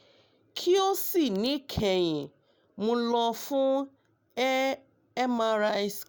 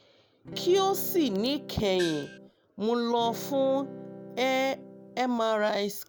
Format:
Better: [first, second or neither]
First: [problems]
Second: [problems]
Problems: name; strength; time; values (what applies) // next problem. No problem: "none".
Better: first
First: none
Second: background sound (Electric guitar / Strum + Gong); 13 dB below the speech